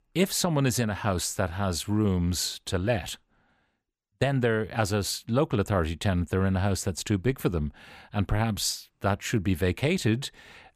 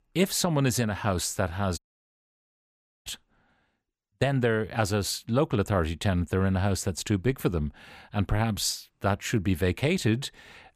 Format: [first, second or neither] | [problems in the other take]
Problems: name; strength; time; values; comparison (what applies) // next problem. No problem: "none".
first | audio cutting out; at 2 s for 1.5 s